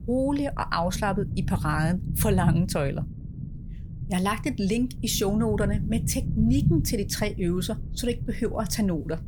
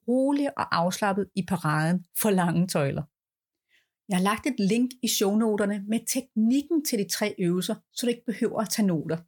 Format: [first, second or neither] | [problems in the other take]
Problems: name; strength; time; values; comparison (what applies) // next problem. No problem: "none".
second | low rumble; noticeable; throughout; 15 dB below the speech